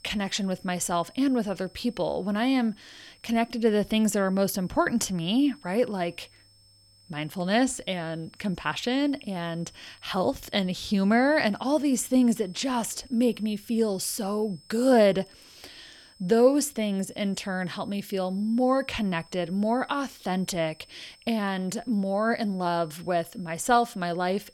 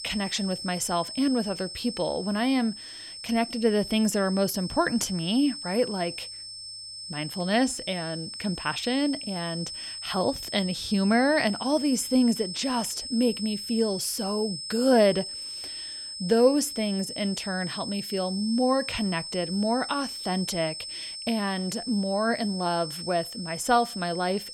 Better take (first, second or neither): first